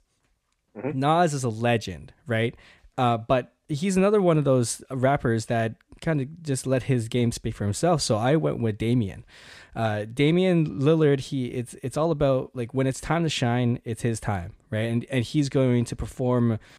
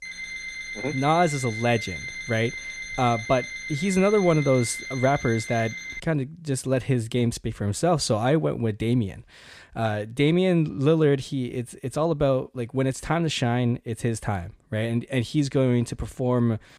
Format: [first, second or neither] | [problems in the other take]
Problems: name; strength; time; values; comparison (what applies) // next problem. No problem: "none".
first | alarm; noticeable; until 6 s; peak 8 dB below the speech